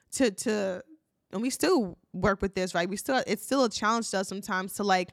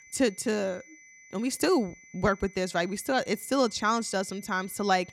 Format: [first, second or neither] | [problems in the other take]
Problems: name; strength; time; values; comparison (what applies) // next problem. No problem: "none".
first | high-pitched whine; faint; throughout; 2 kHz, 20 dB below the speech